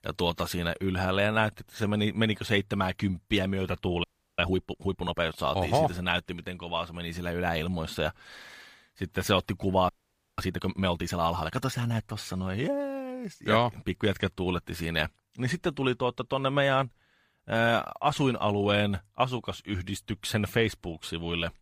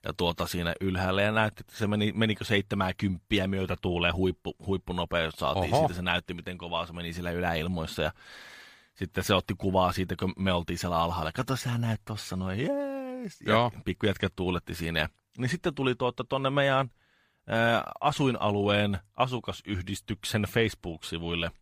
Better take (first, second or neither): second